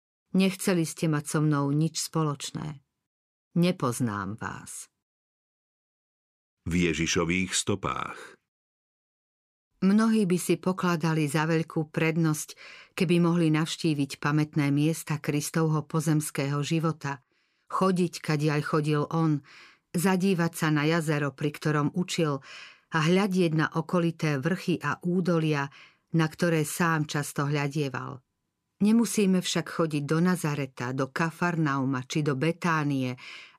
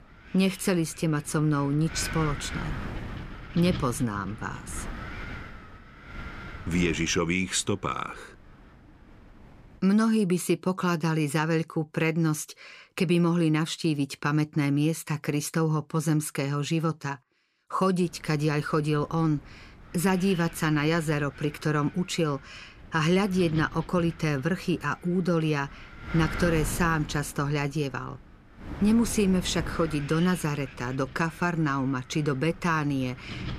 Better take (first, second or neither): first